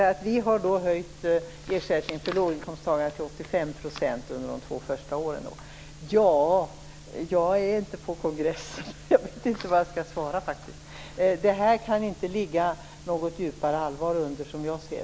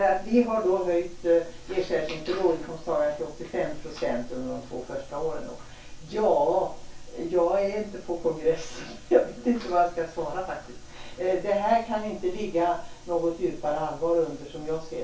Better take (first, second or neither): first